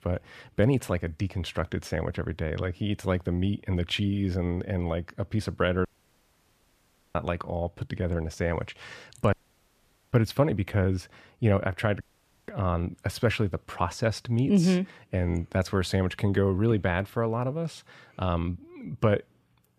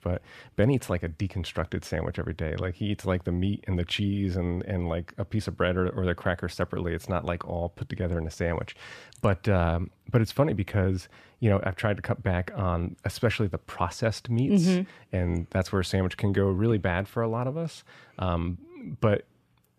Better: second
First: audio cutting out; at 6 s for 1.5 s, at 9.5 s for 1 s and at 12 s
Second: none

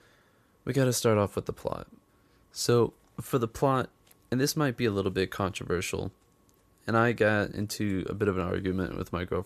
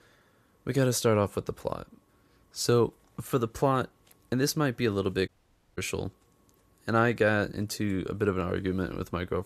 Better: first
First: none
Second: audio cutting out; at 5.5 s

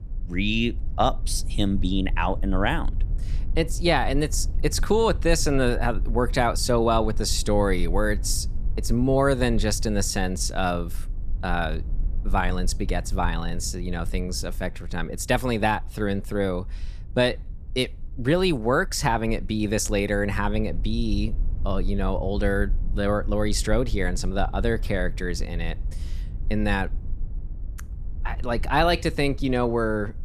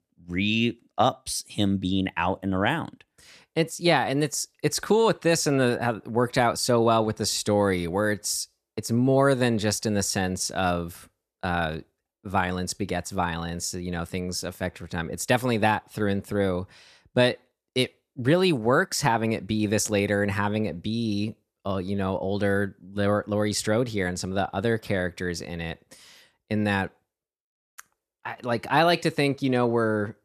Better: second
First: low rumble; faint; throughout; 25 dB below the speech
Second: none

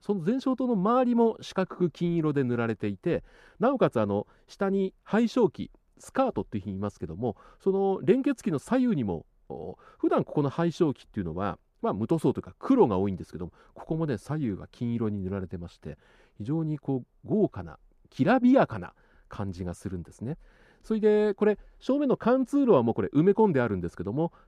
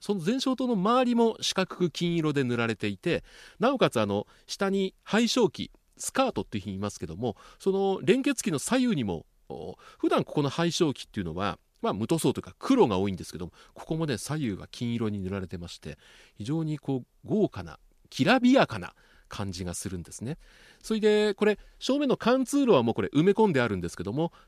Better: second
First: muffled; slightly; fading above 2 kHz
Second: none

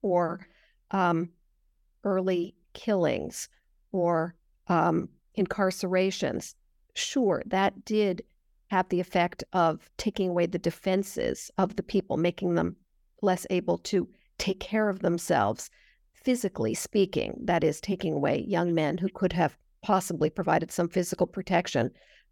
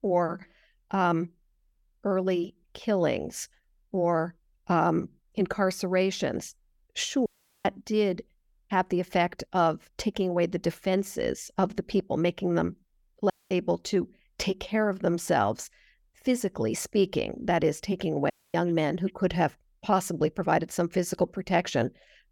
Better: first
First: none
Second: audio cutting out; at 7.5 s, at 13 s and at 18 s

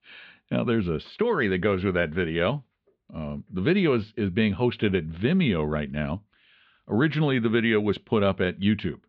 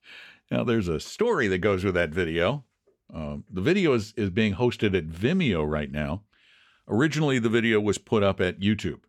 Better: second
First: muffled; slightly; fading above 4 kHz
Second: none

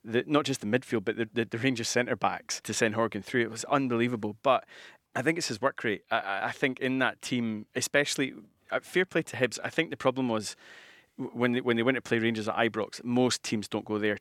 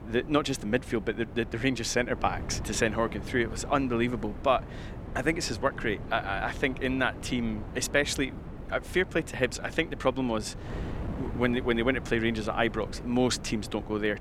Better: first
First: none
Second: wind noise on the microphone; occasional gusts; 15 dB below the speech

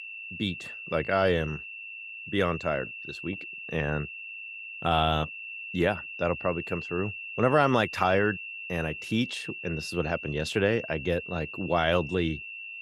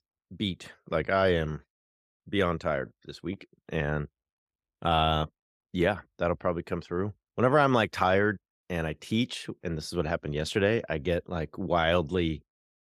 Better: second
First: high-pitched whine; loud; throughout; 2.5 kHz, 9 dB below the speech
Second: none

